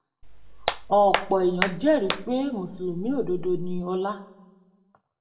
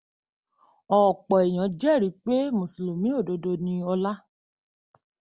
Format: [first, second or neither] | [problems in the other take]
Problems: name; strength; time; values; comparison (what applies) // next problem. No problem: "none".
second | background sound (Hands); 6 dB below the speech // room echo; dies away in 0.6 s